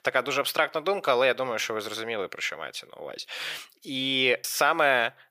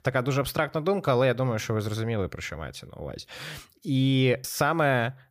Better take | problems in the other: second | thin; somewhat; fading below 450 Hz

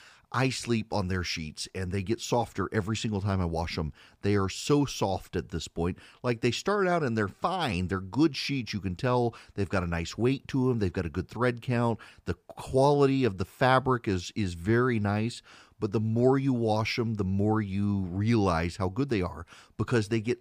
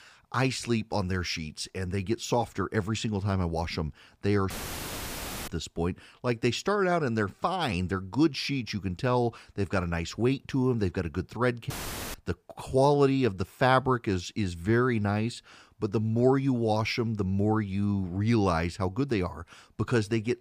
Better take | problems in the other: first | audio cutting out; filled with static; at 4.5 s for 1 s and at 12 s

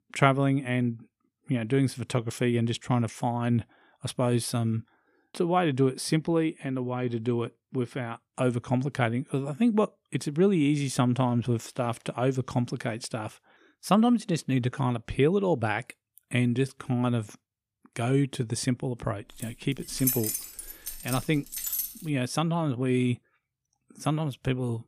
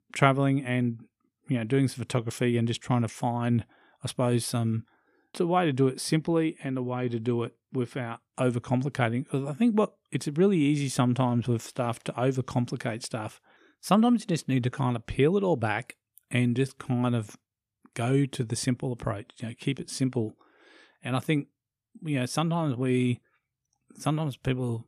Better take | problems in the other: second | jangling keys; loud; from 19 to 22 s; peak 1 dB above the speech

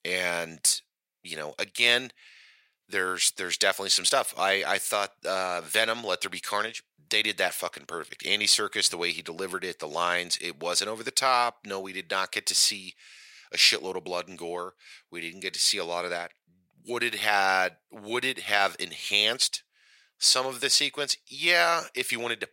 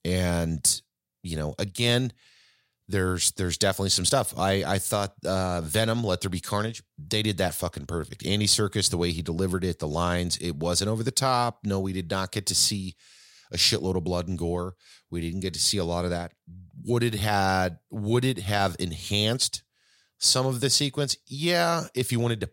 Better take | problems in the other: second | thin; very; fading below 450 Hz

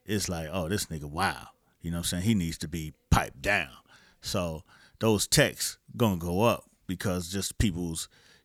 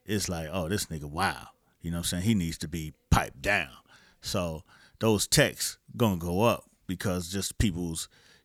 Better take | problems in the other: neither | none

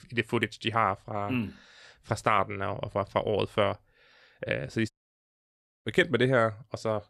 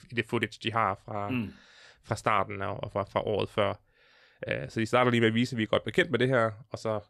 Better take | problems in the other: second | audio cutting out; at 5 s for 1 s

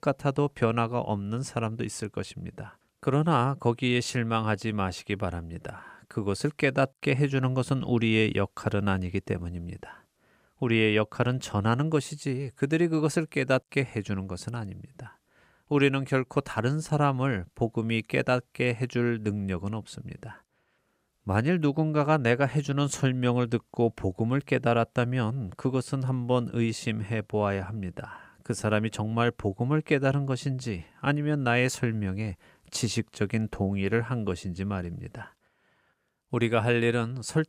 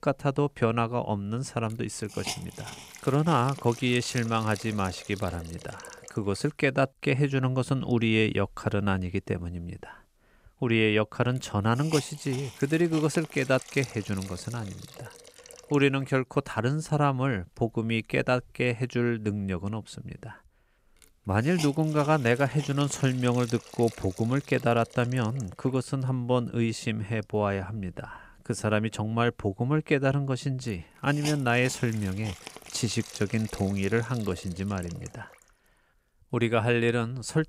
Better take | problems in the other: first | hiss; noticeable; throughout; 15 dB below the speech

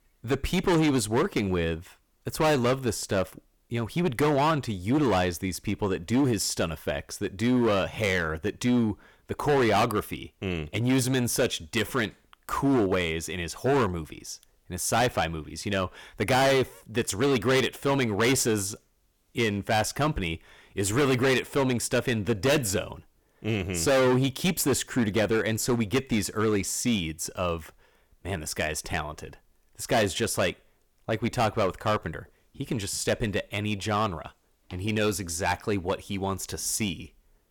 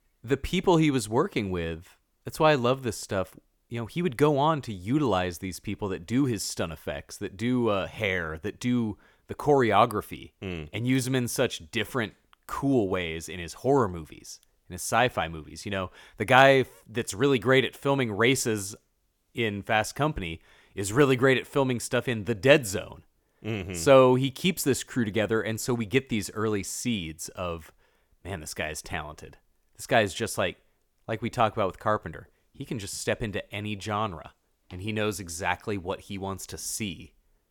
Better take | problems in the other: second | distortion; heavy; 10% of the sound clipped

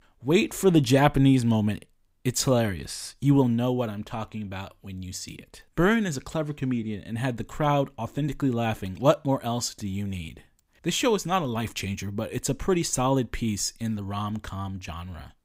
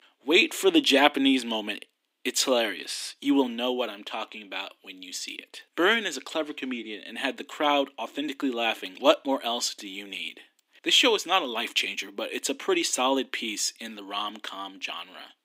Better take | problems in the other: first | thin; very slightly; fading below 300 Hz

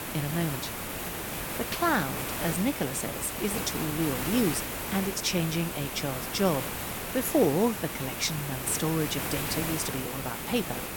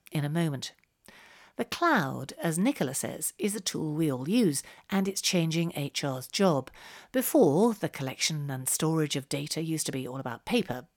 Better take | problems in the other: second | hiss; loud; throughout; 3 dB below the speech

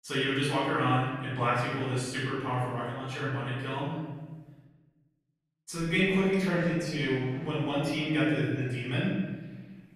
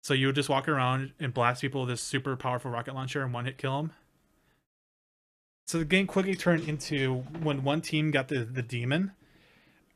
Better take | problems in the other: second | room echo; noticeable; dies away in 1.2 s // off-mic speech; far

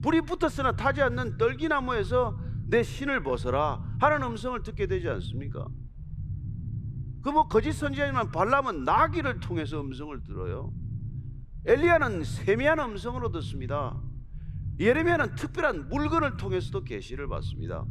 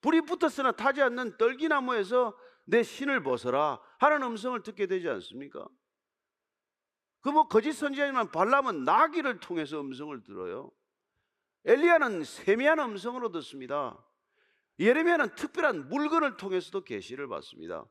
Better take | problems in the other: second | low rumble; faint; throughout; 25 dB below the speech

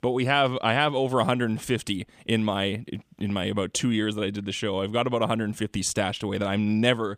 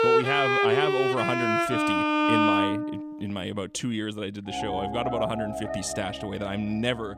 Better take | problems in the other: first | background music; very loud; throughout; 5 dB above the speech

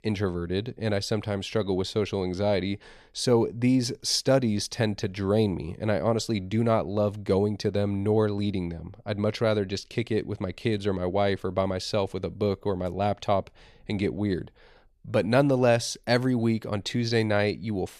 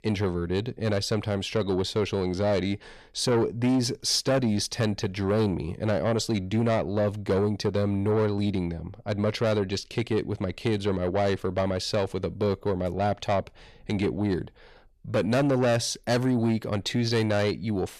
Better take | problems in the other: first | distortion; slight; 10 dB below the speech

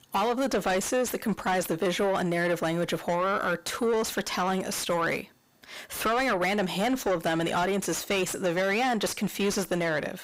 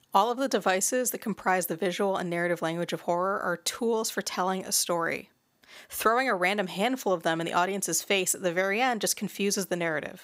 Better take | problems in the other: second | distortion; heavy; 6 dB below the speech

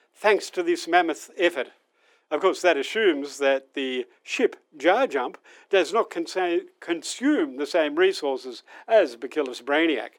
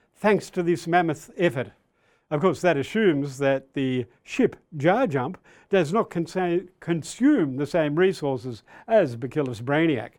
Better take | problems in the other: second | thin; somewhat; fading below 300 Hz

